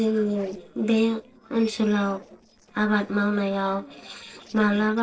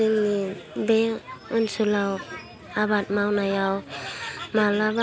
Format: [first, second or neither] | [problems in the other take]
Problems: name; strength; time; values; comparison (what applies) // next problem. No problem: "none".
second | noise reduction (neural separator model SepFormer DNS4)